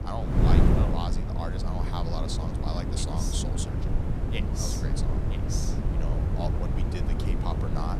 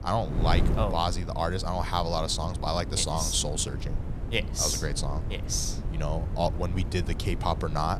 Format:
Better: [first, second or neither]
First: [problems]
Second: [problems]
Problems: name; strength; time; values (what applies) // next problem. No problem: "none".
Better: second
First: wind noise on the microphone; heavy; as loud as the speech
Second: wind noise on the microphone; occasional gusts; 15 dB below the speech